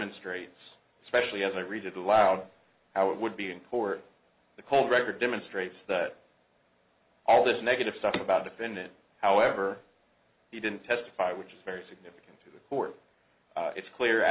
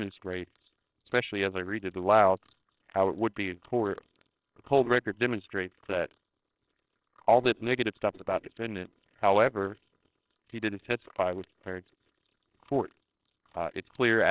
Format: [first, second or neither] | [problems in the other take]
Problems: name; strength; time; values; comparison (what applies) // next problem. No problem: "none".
first | noise reduction (neural separator model SepFormer WHAMR!)